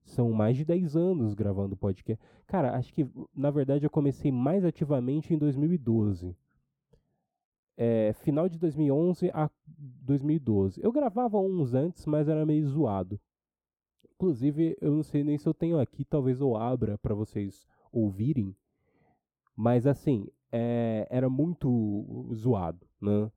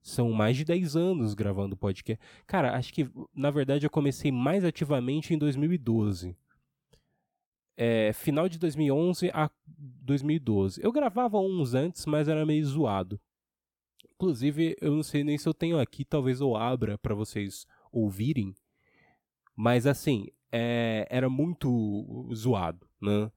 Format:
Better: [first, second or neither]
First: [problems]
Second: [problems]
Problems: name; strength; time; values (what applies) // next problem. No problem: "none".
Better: second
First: muffled; slightly; fading above 1 kHz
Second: none